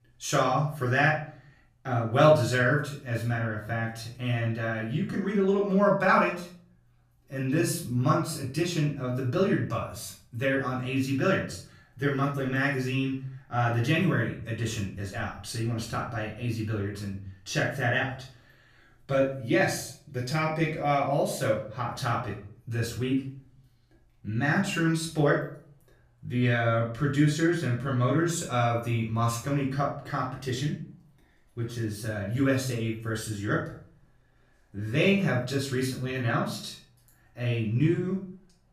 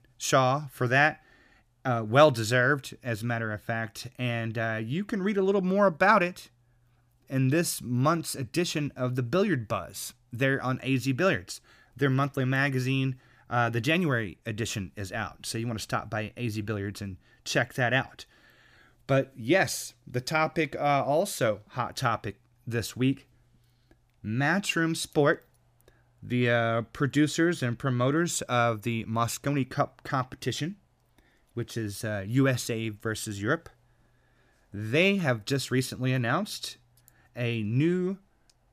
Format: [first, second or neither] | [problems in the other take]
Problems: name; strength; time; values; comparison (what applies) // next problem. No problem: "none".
second | off-mic speech; far // room echo; slight; dies away in 0.4 s